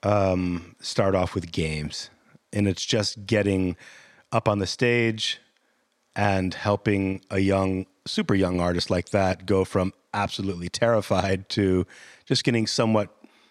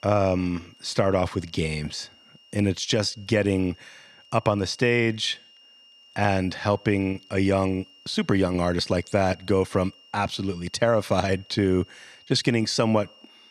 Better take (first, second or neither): first